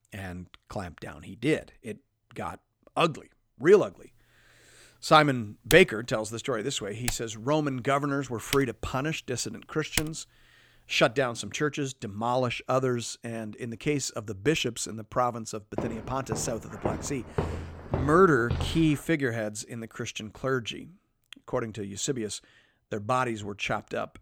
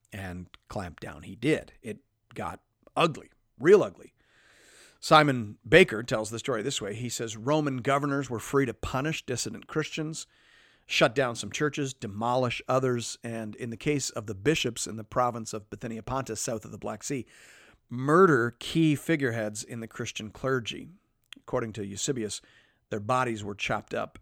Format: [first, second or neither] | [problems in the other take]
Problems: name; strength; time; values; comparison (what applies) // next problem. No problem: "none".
second | keyboard typing; noticeable; from 5.5 to 10 s; peak 3 dB below the speech // footsteps; noticeable; from 16 to 19 s; peak 5 dB below the speech